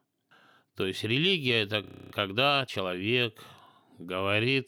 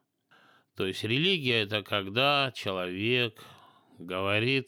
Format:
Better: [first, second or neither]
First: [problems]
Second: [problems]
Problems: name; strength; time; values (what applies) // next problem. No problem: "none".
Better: second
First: audio freezing; at 2 s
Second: none